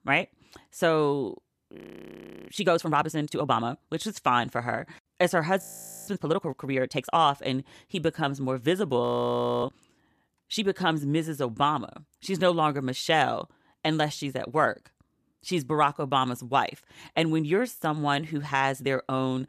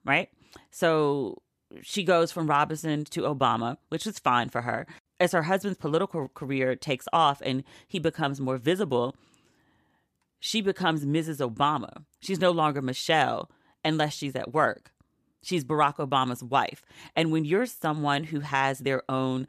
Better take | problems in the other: second | audio freezing; at 2 s for 0.5 s, at 5.5 s and at 9 s for 0.5 s

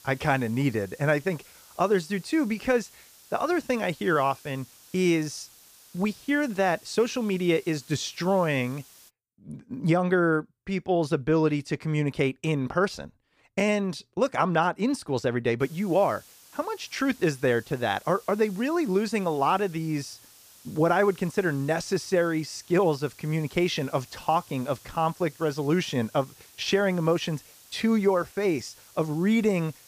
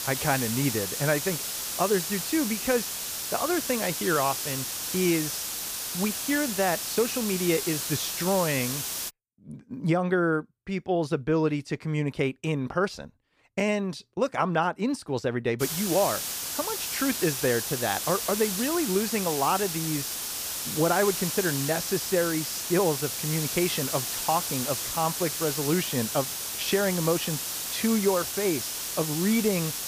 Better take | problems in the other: first | hiss; loud; until 9 s and from 16 s on; 2 dB below the speech; faint in the first

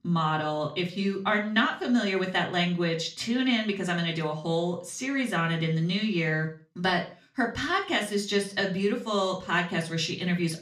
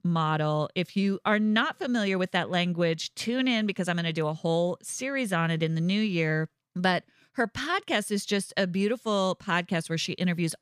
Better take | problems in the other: second | room echo; slight; dies away in 0.4 s // off-mic speech; far

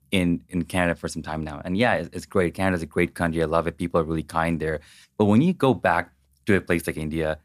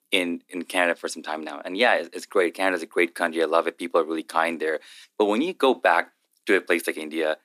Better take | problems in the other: first | thin; somewhat; fading below 300 Hz

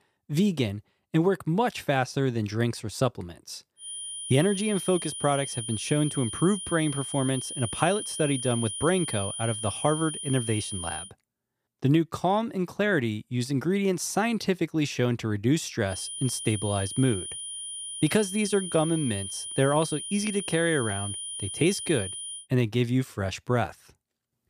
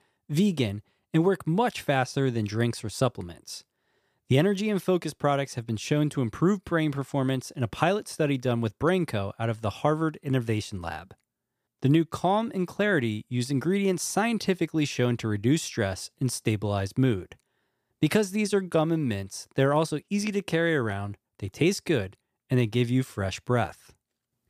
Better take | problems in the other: second | high-pitched whine; loud; from 4 to 11 s and from 16 to 22 s; 9.5 kHz, 6 dB below the speech

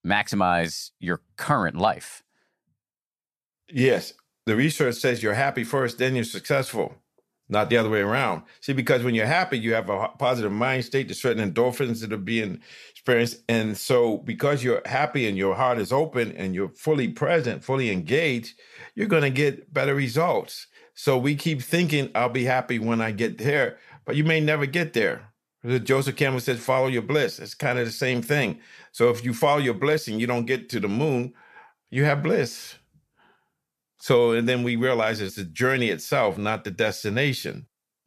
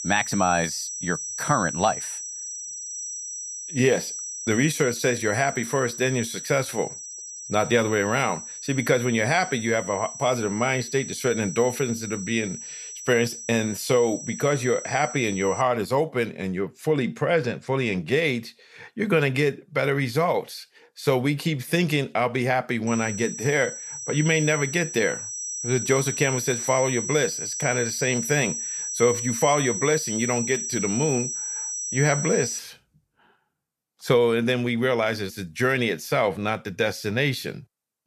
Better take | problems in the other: first | high-pitched whine; loud; until 16 s and from 23 to 33 s; 6 kHz, 6 dB below the speech

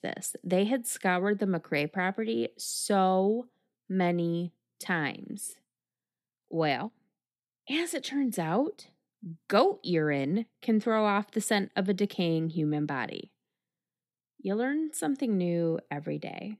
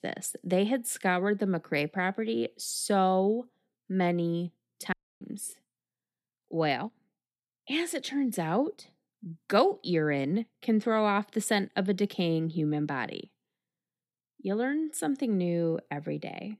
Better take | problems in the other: first | audio cutting out; at 5 s

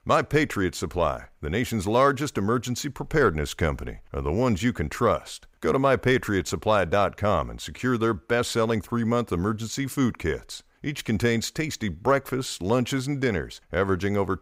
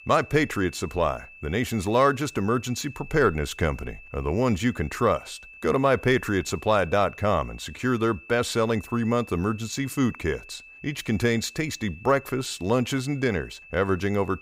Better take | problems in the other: first | high-pitched whine; noticeable; throughout; 2.5 kHz, 20 dB below the speech

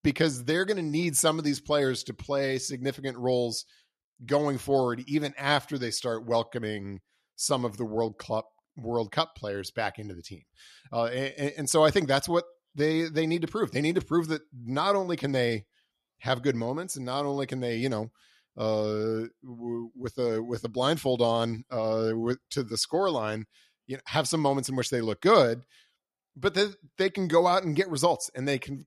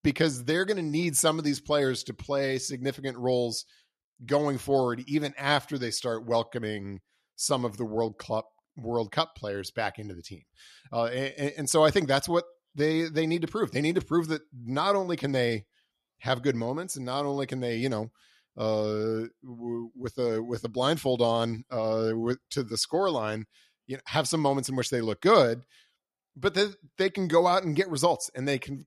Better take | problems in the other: neither | none

